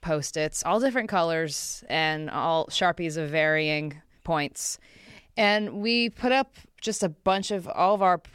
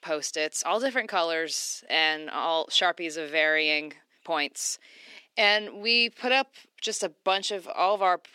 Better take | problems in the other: first | thin; somewhat; fading below 300 Hz

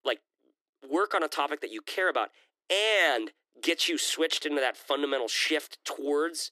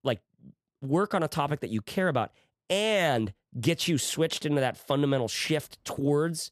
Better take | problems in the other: second | thin; somewhat; fading below 300 Hz

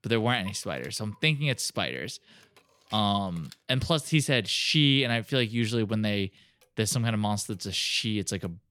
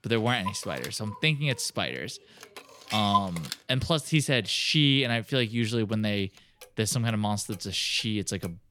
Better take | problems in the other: first | household noises; loud; throughout; 9 dB below the speech; faint in the first

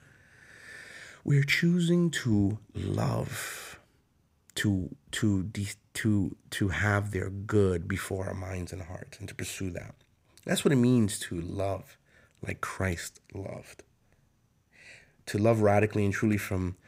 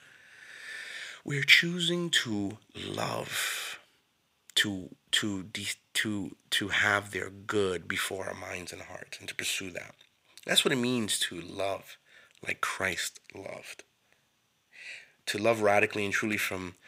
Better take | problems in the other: first | thin; somewhat; fading below 750 Hz

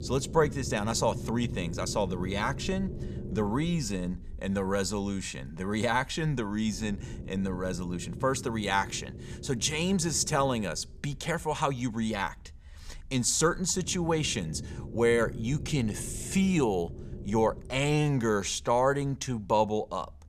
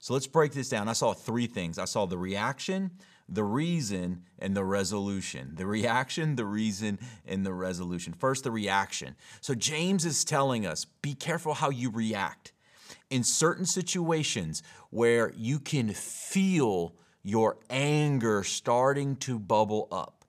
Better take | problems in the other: second | low rumble; noticeable; throughout; 20 dB below the speech

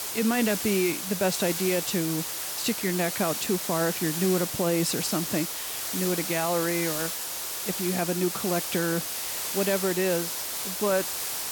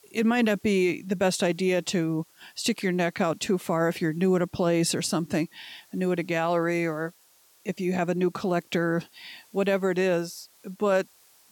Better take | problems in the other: second | hiss; loud; throughout; 2 dB below the speech; faint in the second

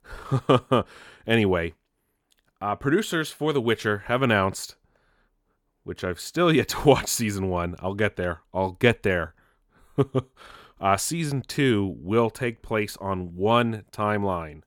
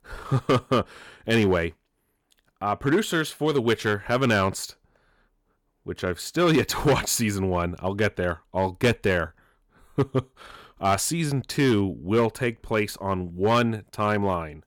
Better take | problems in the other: first | distortion; slight; 3% of the sound clipped

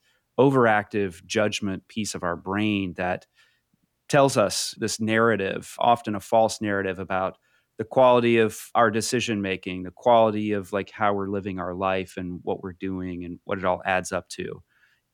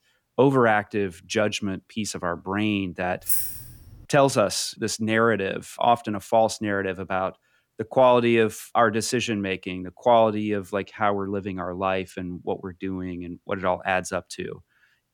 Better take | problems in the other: first | jangling keys; loud; at 3.5 s; peak 2 dB above the speech

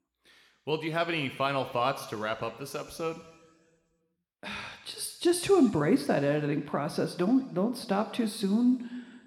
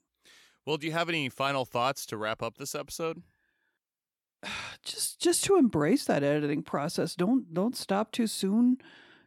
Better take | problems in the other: second | room echo; very slight; dies away in 1.4 s

